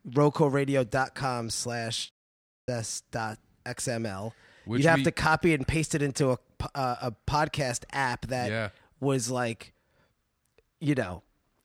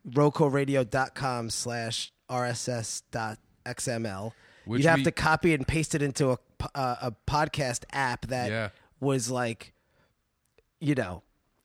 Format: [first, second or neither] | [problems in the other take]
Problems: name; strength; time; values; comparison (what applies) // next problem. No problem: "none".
second | audio cutting out; at 2 s for 0.5 s